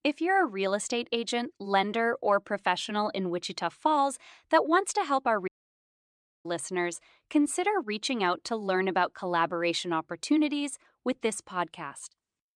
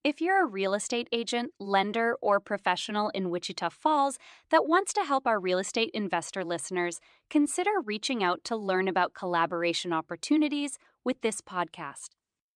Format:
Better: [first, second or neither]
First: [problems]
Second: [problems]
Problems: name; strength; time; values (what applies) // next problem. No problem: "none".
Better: second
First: audio cutting out; at 5.5 s for 1 s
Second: none